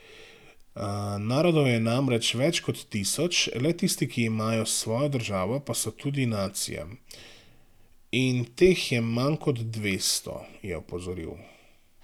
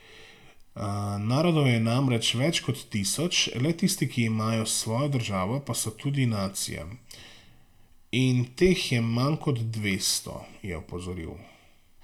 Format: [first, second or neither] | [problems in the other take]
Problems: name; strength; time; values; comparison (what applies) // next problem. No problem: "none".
first | room echo; dies away in 0.4 s